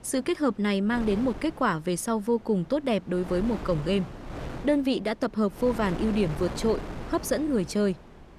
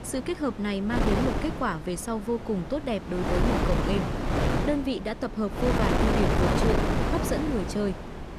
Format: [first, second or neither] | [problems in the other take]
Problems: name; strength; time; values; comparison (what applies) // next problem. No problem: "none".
first | wind noise on the microphone; heavy; 2 dB above the speech; occasional gusts in the first